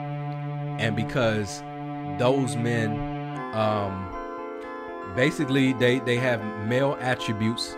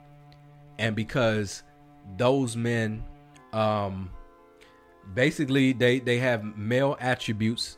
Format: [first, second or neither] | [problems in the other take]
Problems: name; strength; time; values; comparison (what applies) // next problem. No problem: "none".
second | background music; loud; throughout; 8 dB below the speech; faint in the second